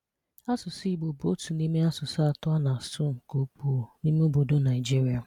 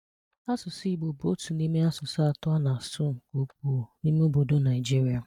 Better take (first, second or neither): first